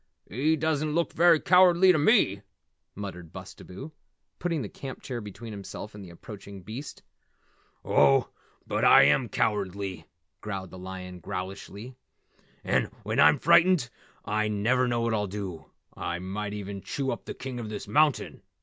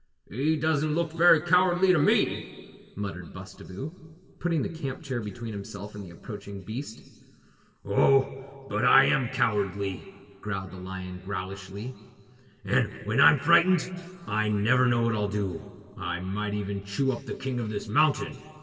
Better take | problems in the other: first | room echo; dies away in 1.8 s

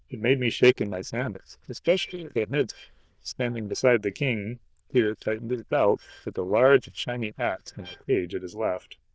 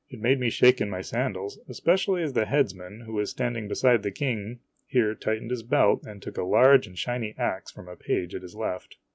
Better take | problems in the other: second | noise reduction (neural diffusion model UNIVERSE++)

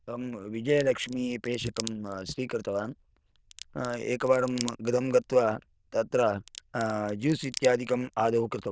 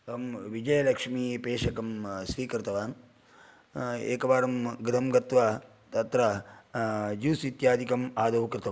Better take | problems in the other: second | noise reduction (neural diffusion model UNIVERSE++)

